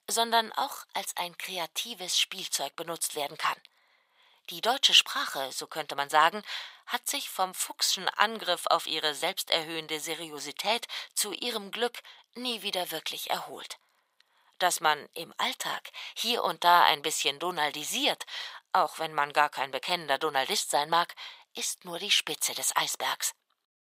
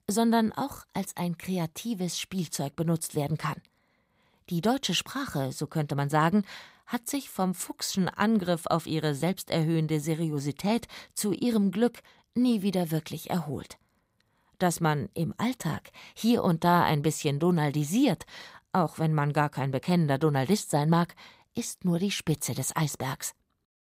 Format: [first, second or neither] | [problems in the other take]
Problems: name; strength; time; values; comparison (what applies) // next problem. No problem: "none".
second | thin; very; fading below 800 Hz